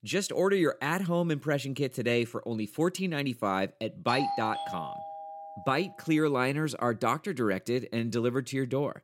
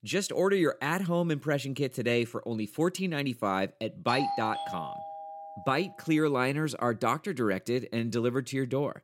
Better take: neither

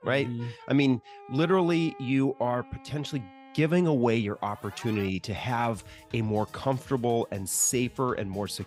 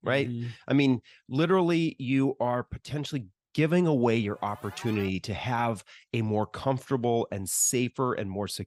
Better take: second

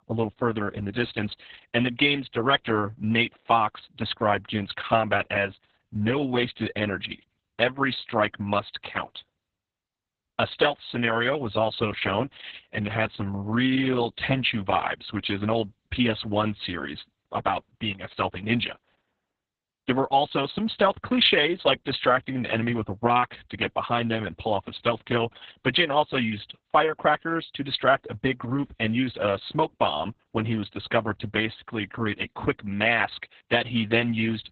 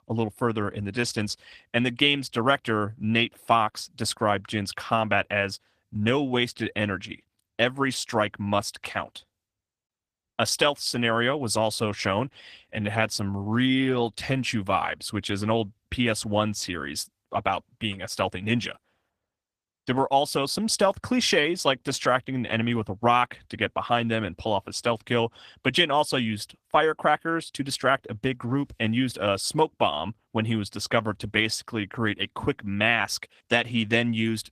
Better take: second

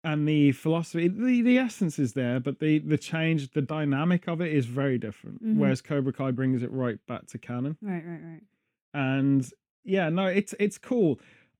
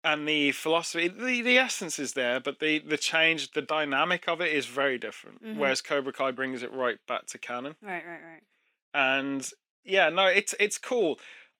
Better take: first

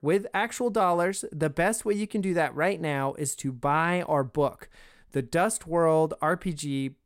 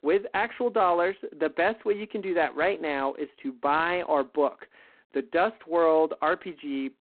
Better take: first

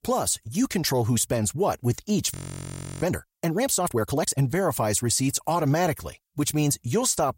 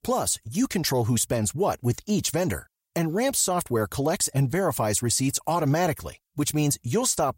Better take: second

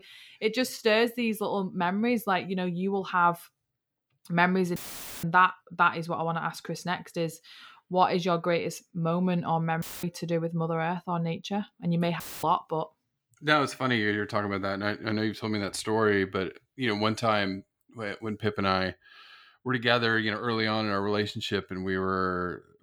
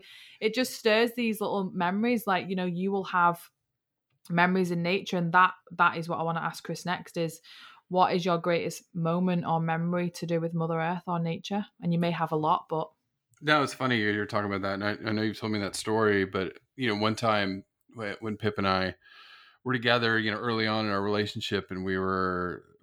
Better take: second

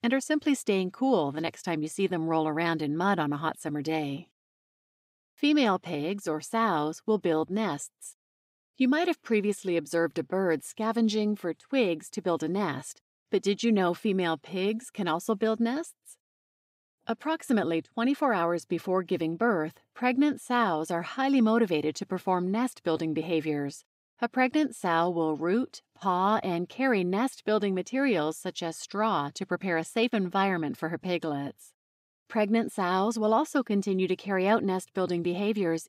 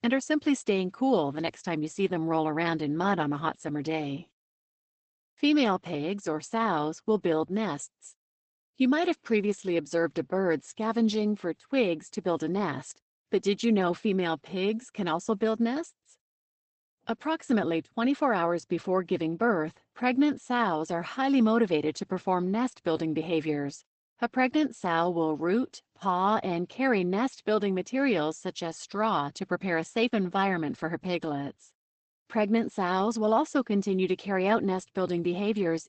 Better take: first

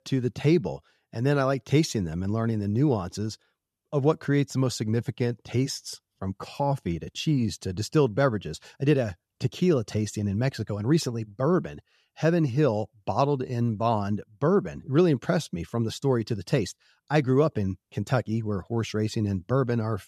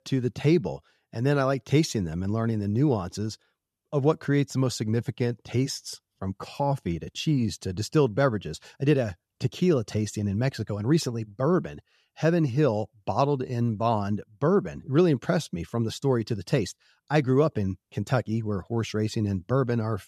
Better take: neither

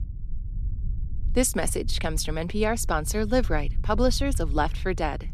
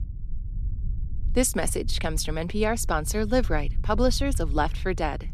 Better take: neither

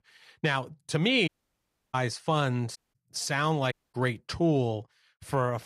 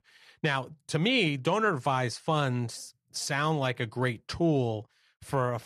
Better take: second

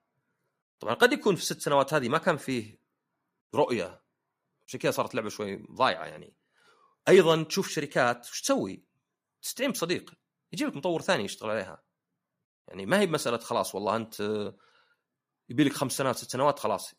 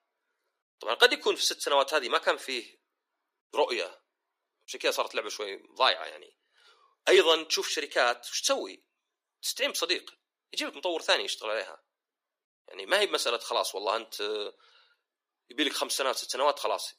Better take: first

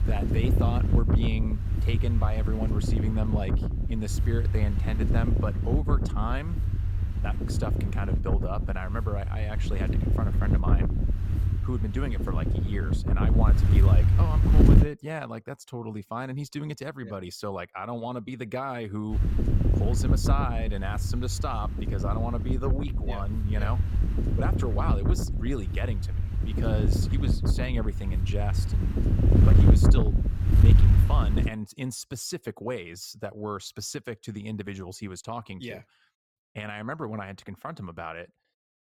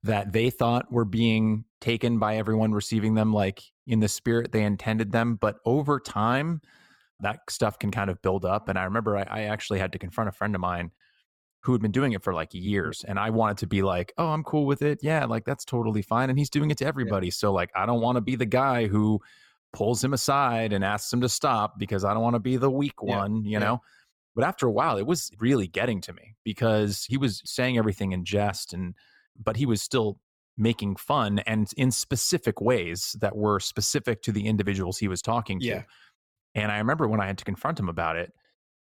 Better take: second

